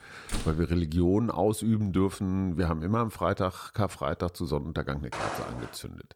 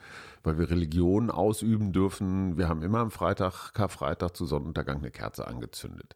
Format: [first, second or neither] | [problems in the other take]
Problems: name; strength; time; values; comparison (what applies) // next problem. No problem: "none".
second | door banging; noticeable; at 0.5 s; peak 8 dB below the speech // footsteps; noticeable; at 5 s; peak 5 dB below the speech